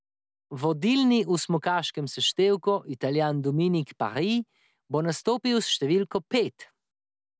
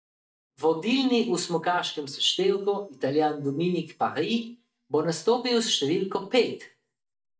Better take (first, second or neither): first